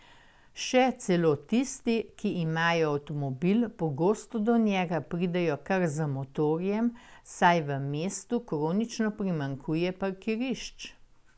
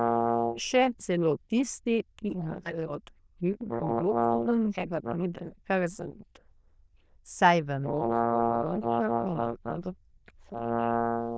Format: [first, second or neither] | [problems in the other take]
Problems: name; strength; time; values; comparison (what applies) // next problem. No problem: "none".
first | noise reduction (neural diffusion model UNIVERSE++)